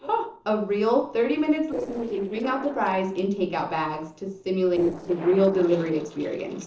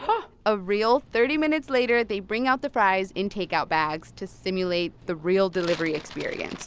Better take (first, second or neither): second